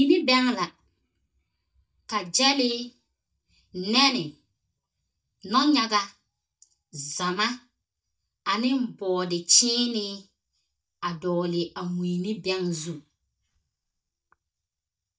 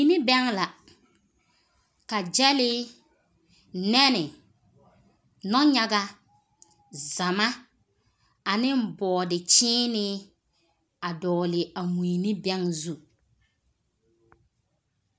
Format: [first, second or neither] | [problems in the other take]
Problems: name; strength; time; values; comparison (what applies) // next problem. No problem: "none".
second | noise reduction (neural mask model DeepFilterNet 3)